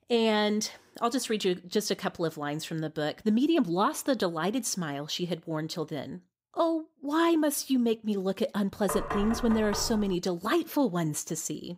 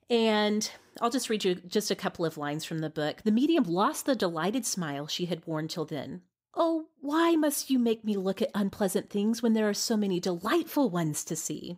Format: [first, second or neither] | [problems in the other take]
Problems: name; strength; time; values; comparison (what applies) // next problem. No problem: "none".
second | door banging; noticeable; from 9 to 10 s; peak 5 dB below the speech